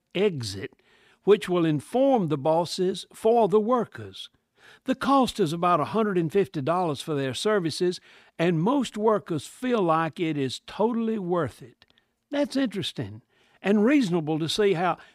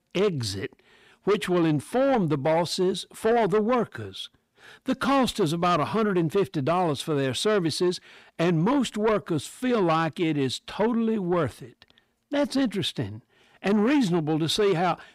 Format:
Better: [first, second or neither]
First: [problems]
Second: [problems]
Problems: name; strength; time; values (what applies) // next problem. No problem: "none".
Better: first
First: none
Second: distortion; slight; 10 dB below the speech